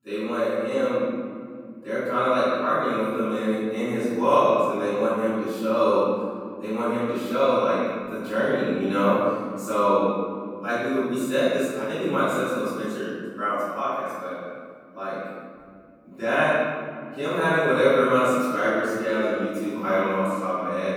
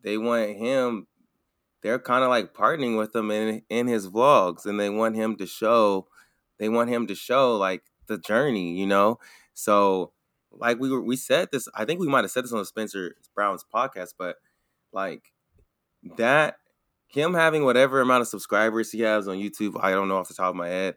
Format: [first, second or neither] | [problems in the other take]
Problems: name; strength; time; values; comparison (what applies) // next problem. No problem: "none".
second | off-mic speech; far // room echo; strong; dies away in 2.1 s